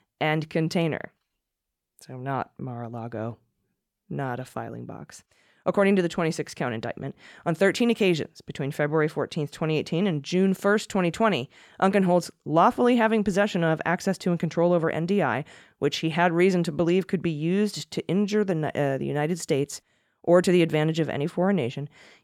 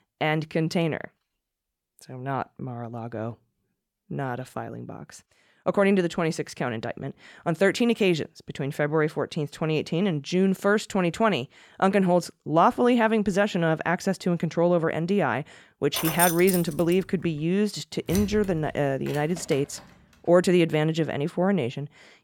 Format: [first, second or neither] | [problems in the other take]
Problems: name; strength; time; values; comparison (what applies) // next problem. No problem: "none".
first | jangling keys; loud; at 16 s; peak level with the speech // door banging; noticeable; from 18 to 20 s; peak 9 dB below the speech